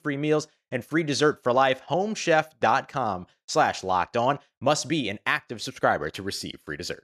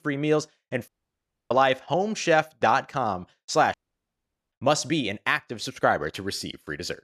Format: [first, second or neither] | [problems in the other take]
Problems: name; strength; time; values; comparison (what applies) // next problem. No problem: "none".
first | audio cutting out; at 1 s for 0.5 s and at 3.5 s for 1 s